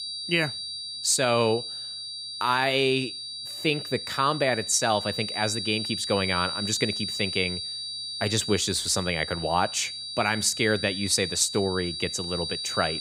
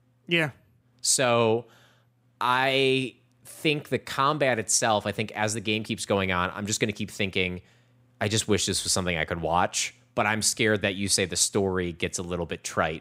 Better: second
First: high-pitched whine; loud; throughout; 4.5 kHz, 5 dB below the speech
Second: none

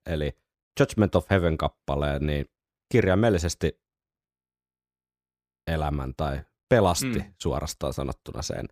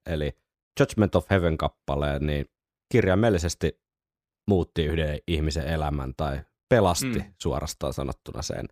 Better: second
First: audio freezing; at 4.5 s for 1.5 s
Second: none

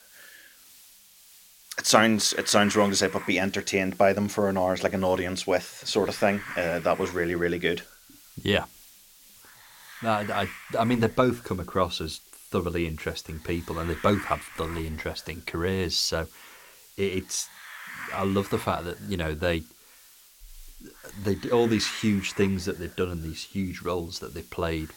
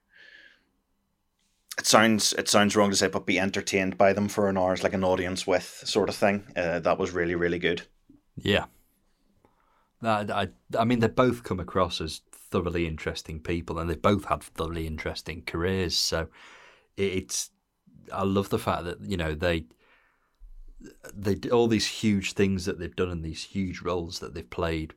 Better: second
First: hiss; noticeable; throughout; 15 dB below the speech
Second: none

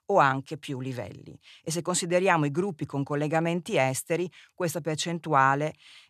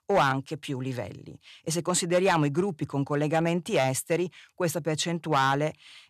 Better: first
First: none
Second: distortion; slight; 2% of the sound clipped

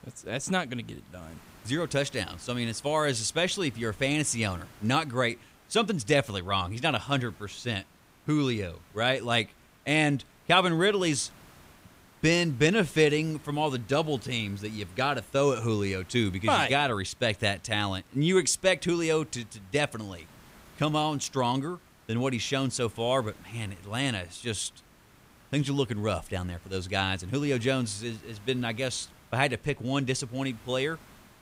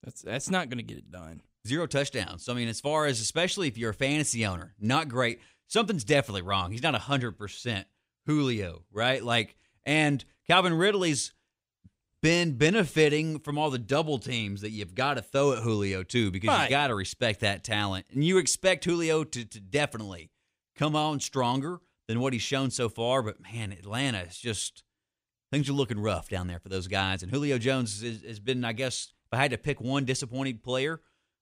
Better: second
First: hiss; faint; throughout; 25 dB below the speech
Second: none

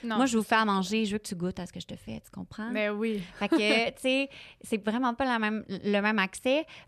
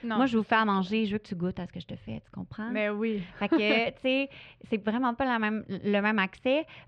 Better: first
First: none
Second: muffled; slightly; fading above 3.5 kHz

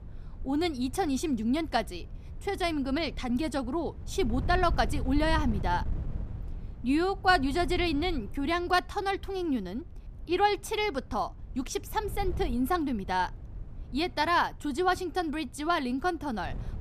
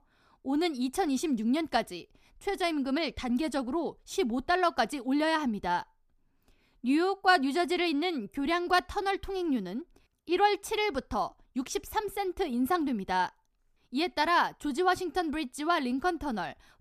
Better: second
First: wind noise on the microphone; occasional gusts; 25 dB below the speech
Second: none

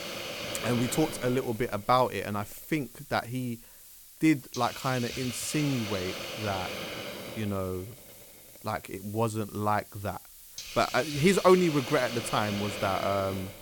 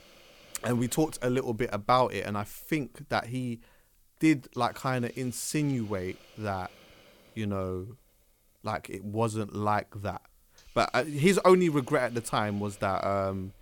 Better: second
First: hiss; loud; throughout; 9 dB below the speech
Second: hiss; faint; throughout; 30 dB below the speech

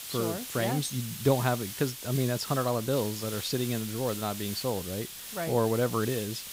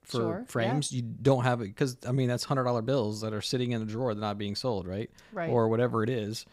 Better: second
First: hiss; loud; throughout; 7 dB below the speech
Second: none

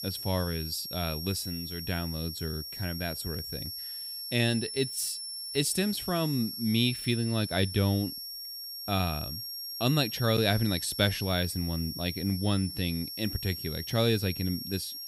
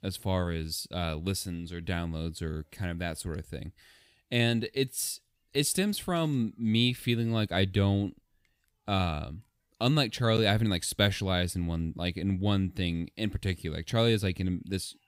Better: second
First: high-pitched whine; loud; throughout; 5.5 kHz, 6 dB below the speech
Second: none

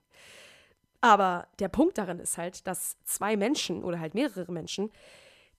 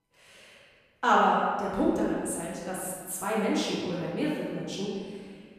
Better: first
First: none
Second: room echo; strong; dies away in 1.5 s // off-mic speech; far

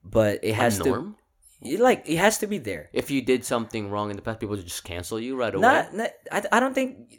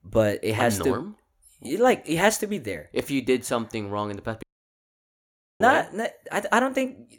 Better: first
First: none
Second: audio cutting out; at 4.5 s for 1 s

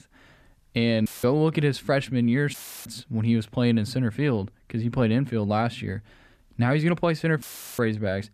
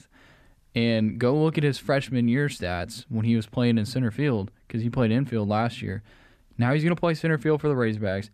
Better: second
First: audio cutting out; filled with static; at 1 s, at 2.5 s and at 7.5 s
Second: none

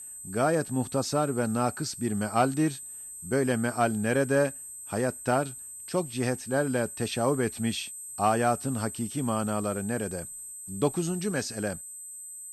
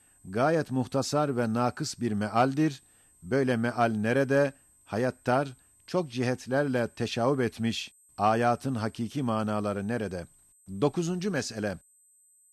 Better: second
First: high-pitched whine; loud; throughout; 8 kHz, 10 dB below the speech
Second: high-pitched whine; faint; throughout; 8 kHz, 30 dB below the speech

